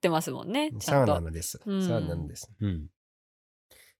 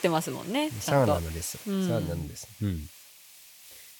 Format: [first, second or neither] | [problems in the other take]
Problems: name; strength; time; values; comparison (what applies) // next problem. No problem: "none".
first | hiss; noticeable; throughout; 15 dB below the speech